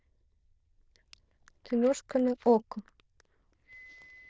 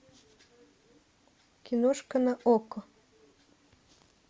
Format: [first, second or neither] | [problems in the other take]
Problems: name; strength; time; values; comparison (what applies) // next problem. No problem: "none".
second | noise reduction (neural diffusion model UNIVERSE++)